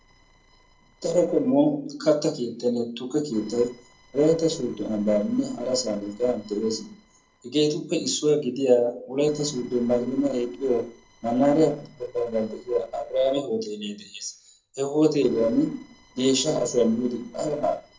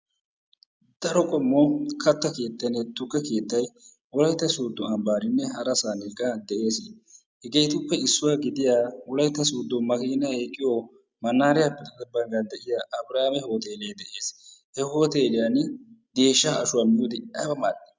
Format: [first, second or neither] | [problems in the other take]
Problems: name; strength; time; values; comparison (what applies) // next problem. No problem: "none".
second | noise reduction (neural separator model SepFormer DNS4)